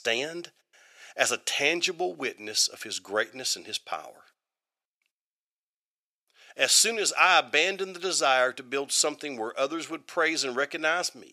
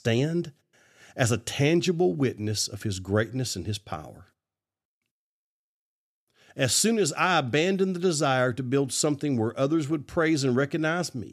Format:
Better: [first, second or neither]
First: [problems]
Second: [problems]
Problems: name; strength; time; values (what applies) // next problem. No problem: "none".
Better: second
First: thin; very; fading below 650 Hz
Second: none